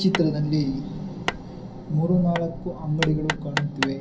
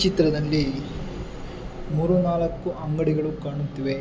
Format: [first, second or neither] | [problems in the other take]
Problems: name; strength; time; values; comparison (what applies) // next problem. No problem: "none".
second | background sound (Hammer); 8 dB below the speech // room echo; dies away in 0.3 s